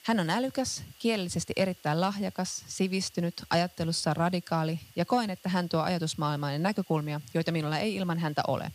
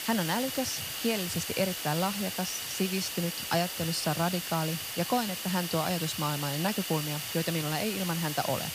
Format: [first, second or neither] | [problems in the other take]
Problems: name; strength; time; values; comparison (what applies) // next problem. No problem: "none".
first | hiss; loud; throughout; 2 dB below the speech; faint in the first